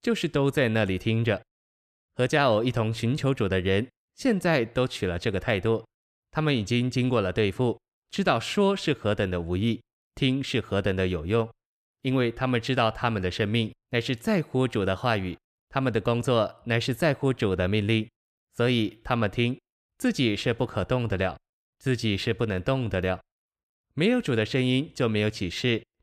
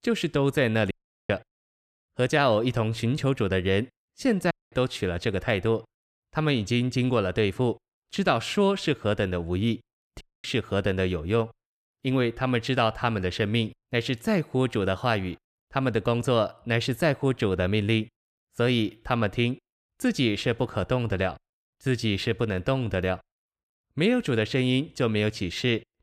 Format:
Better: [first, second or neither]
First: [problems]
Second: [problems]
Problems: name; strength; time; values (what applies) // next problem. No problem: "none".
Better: first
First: none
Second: audio cutting out; at 1 s, at 4.5 s and at 10 s